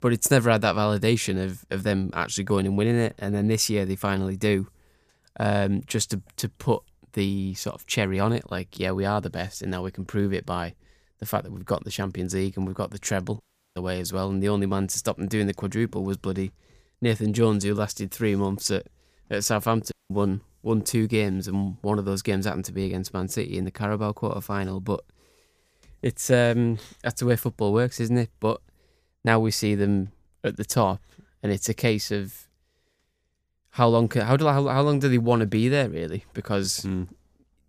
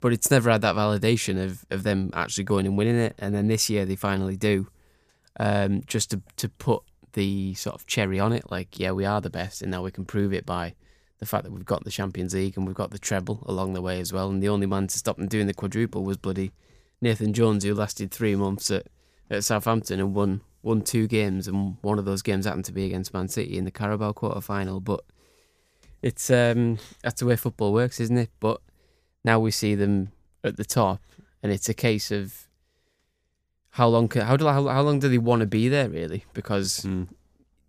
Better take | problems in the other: second | audio cutting out; at 13 s and at 20 s

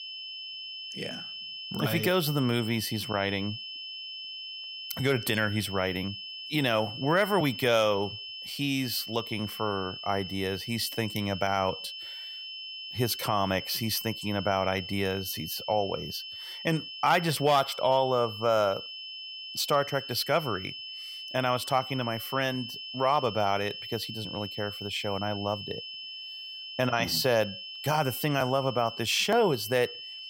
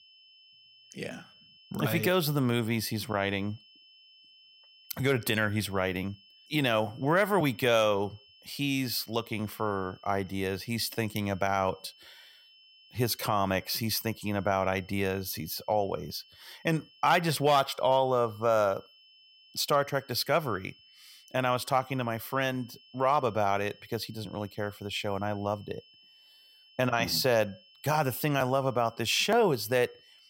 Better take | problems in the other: second | high-pitched whine; loud; throughout; 3 kHz, 9 dB below the speech; faint in the second

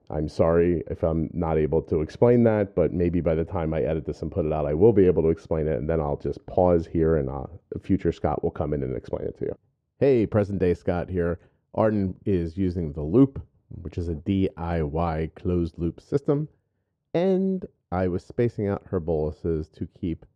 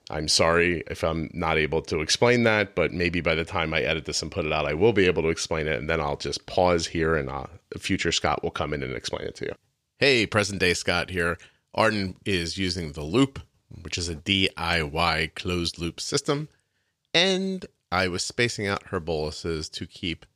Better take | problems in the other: second | muffled; very; fading above 1.5 kHz

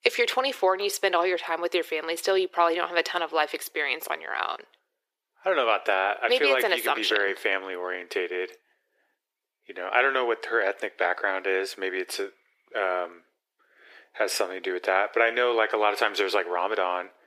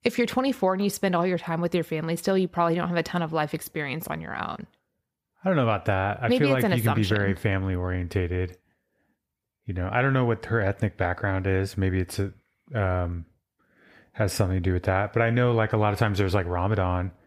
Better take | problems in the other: second | thin; very; fading below 350 Hz

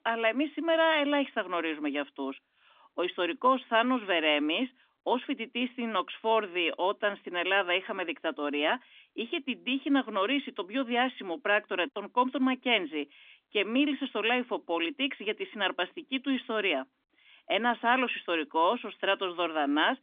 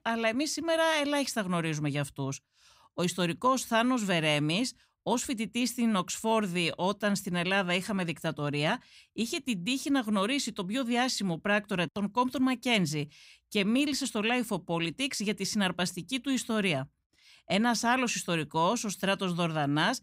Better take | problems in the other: second | phone-call audio; nothing above 3.5 kHz

